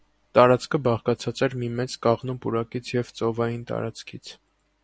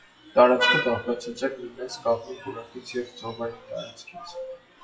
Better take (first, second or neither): first